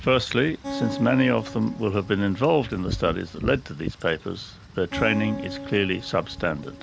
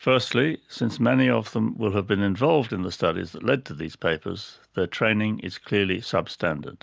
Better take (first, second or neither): second